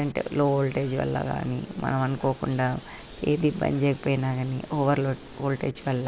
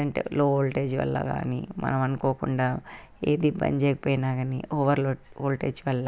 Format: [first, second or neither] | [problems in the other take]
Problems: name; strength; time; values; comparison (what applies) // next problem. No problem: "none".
second | background sound (Bird); 19 dB below the speech